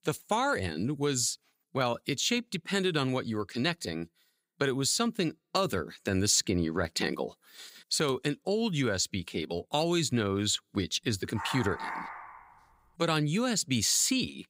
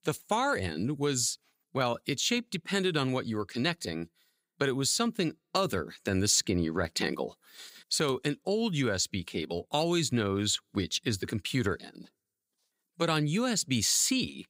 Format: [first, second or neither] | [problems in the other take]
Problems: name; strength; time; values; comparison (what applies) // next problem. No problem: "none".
second | dog barking; noticeable; from 11 to 12 s; peak 7 dB below the speech